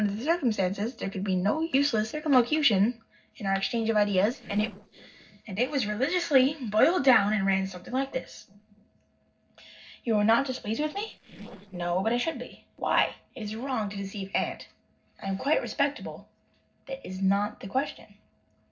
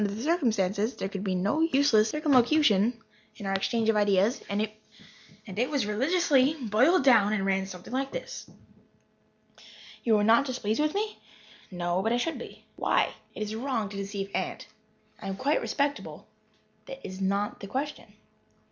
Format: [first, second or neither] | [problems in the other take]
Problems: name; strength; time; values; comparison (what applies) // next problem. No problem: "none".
second | noise reduction (neural separator model SepFormer DNS4)